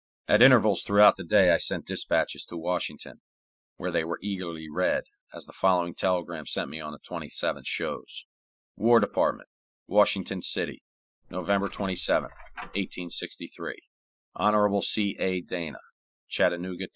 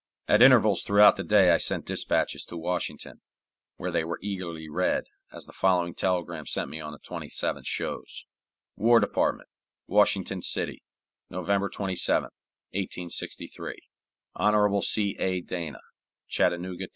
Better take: second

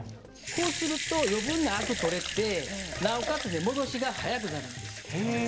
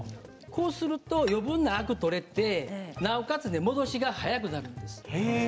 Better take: second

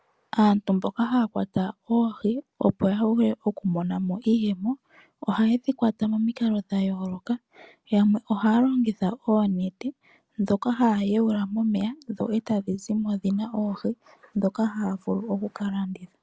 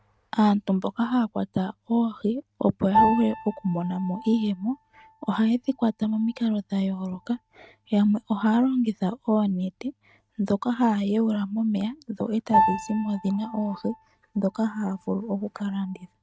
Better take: first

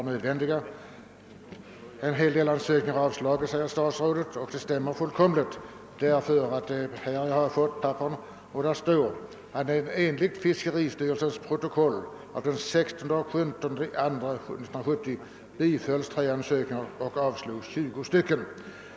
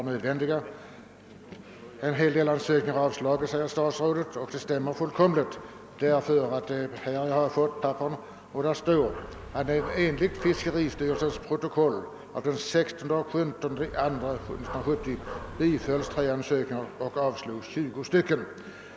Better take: first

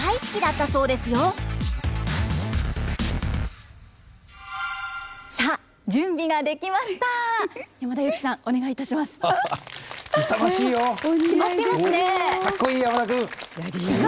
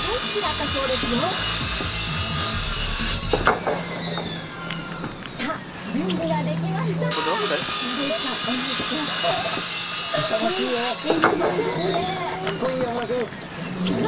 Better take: first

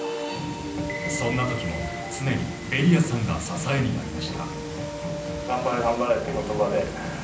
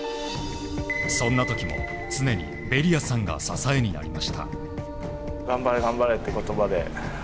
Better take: second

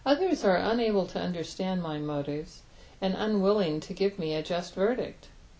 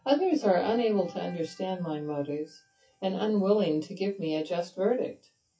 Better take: first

